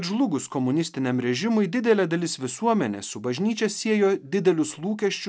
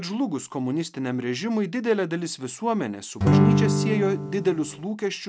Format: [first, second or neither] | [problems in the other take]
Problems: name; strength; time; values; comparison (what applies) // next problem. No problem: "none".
first | background sound (Acoustic guitar / Strum); 5 dB above the speech